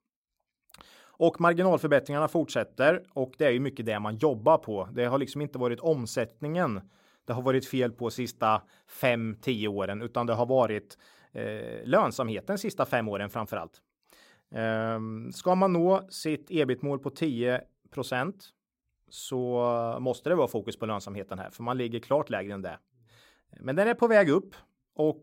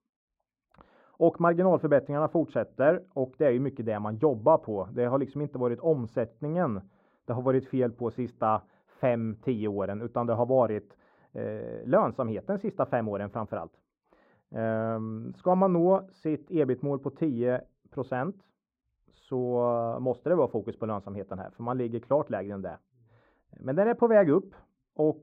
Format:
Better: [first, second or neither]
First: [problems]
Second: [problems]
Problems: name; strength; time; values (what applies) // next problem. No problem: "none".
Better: first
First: none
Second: muffled; very; fading above 3 kHz